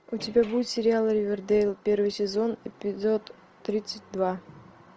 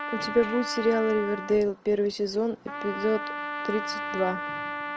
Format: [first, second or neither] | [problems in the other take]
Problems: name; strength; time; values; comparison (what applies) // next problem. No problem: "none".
first | background sound (Trumpet); 7 dB below the speech